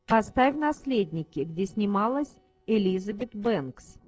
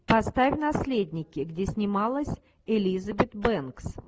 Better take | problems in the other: second | noise reduction (neural separator model SepFormer DNS4)

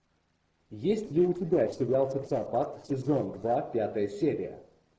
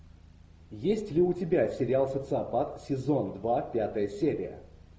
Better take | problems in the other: second | noise reduction (neural separator model SepFormer DNS4)

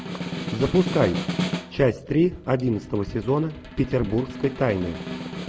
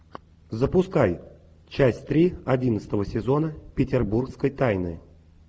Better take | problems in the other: second | background sound (Snare drum); 7 dB below the speech

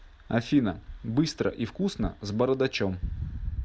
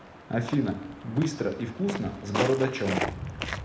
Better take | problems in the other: first | background sound (Walk, footsteps); 6 dB below the speech // room echo; dies away in 0.7 s

